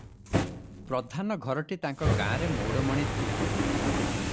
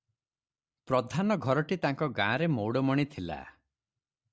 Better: second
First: background sound (Fire); 4 dB above the speech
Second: none

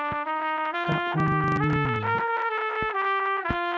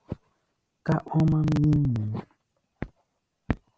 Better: second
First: background sound (Trumpet); 5 dB above the speech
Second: none

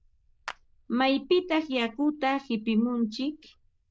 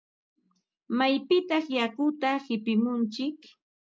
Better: second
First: noise reduction (neural diffusion model UNIVERSE++)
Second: none

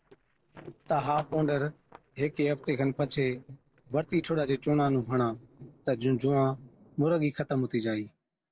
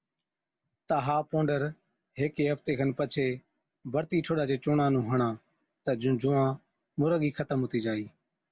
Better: second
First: noise reduction (neural separator model SepFormer DNS4)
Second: none

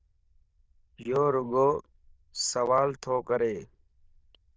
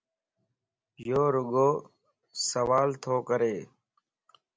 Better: second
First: noise reduction (neural diffusion model UNIVERSE++)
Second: none

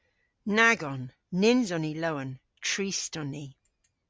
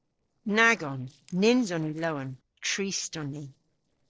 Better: first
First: none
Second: noise reduction (neural separator model SepFormer DNS4)

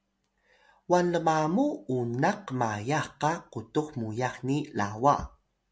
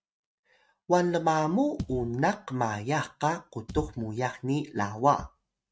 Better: first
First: none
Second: noise reduction (neural mask model RNNoise)

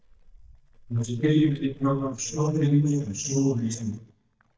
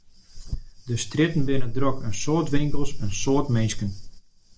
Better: second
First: noise reduction (neural mask model DeepFilterNet 3)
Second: none

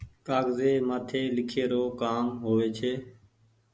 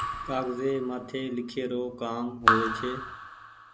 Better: first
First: none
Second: background sound (Raindrop / Drip); as loud as the speech

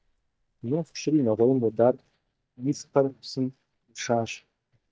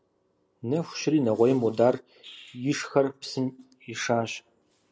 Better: second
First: noise reduction (neural mask model DeepFilterNet 3)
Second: none

